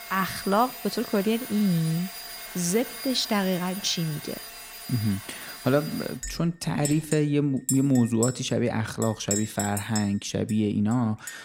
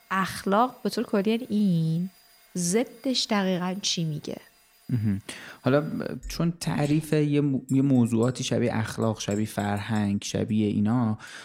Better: second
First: household noises; loud; throughout; 9 dB below the speech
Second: household noises; faint; throughout; 25 dB below the speech

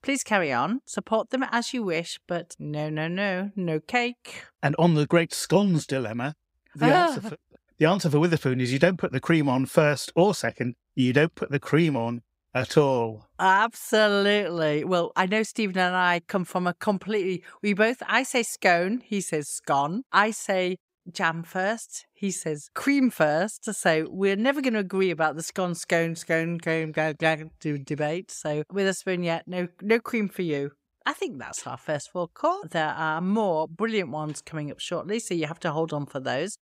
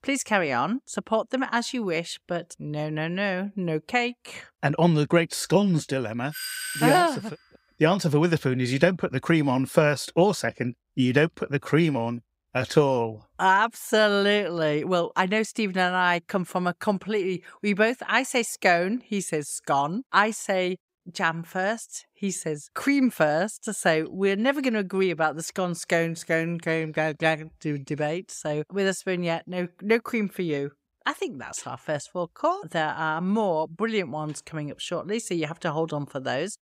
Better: first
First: none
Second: doorbell; noticeable; at 6.5 s; peak 5 dB below the speech

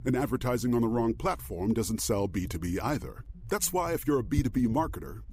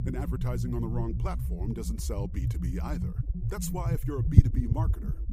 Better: first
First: low rumble; faint; throughout; 25 dB below the speech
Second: low rumble; loud; throughout; 2 dB below the speech

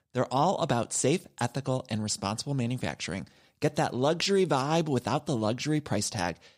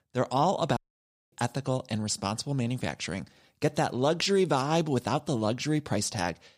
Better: first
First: none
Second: audio cutting out; at 1 s for 0.5 s

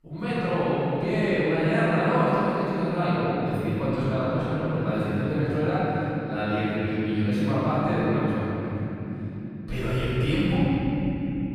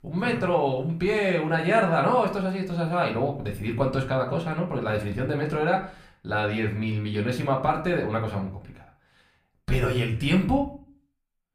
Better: second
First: room echo; strong; dies away in 3 s // off-mic speech; far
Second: room echo; slight; dies away in 0.4 s // off-mic speech; somewhat distant

